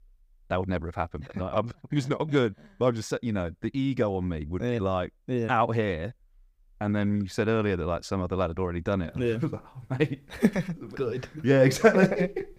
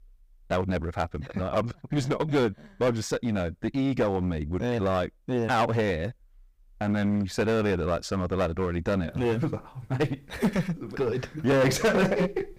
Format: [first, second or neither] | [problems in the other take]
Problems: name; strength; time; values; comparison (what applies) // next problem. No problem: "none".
first | distortion; heavy; 10% of the sound clipped